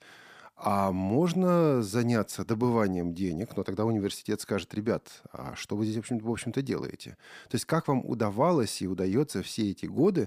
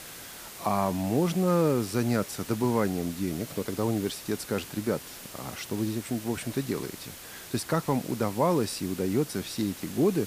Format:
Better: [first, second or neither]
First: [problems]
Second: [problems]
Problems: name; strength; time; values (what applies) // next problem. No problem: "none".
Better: first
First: none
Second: hiss; noticeable; throughout; 10 dB below the speech